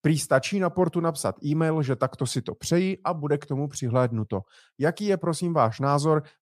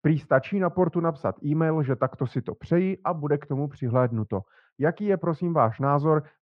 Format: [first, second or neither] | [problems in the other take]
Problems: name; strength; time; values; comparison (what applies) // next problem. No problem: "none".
first | muffled; very; fading above 2 kHz